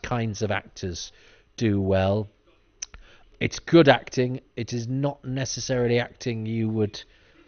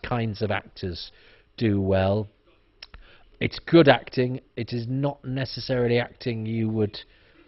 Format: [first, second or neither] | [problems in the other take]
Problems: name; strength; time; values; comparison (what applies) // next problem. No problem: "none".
first | garbled, watery; badly; nothing above 5.5 kHz; slightly in the first